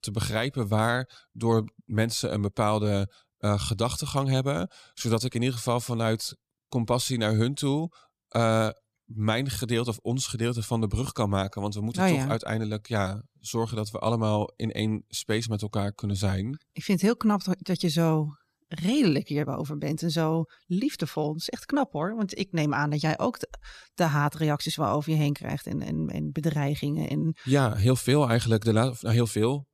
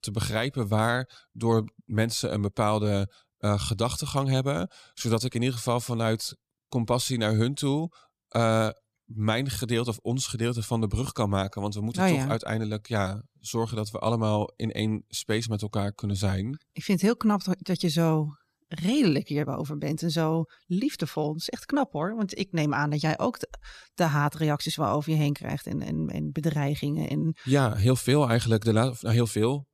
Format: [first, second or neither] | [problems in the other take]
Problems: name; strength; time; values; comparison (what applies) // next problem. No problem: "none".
neither | none